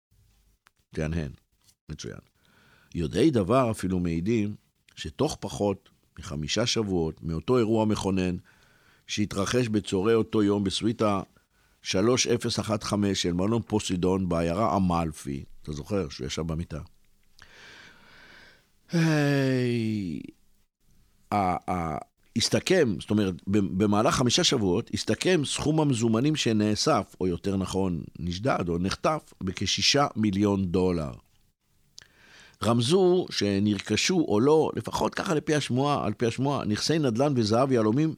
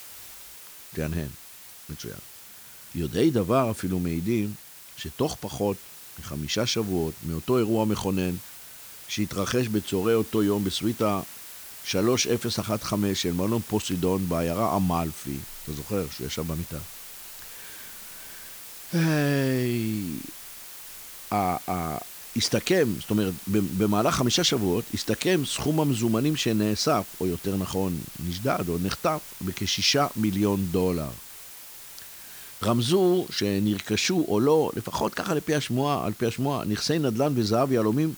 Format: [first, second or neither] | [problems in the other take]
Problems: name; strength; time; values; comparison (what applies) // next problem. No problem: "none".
first | hiss; noticeable; throughout; 15 dB below the speech